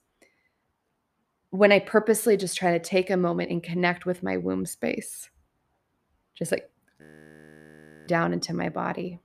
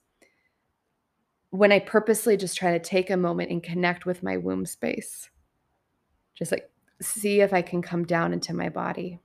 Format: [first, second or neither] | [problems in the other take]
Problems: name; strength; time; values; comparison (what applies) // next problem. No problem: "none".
second | audio freezing; at 7 s for 1 s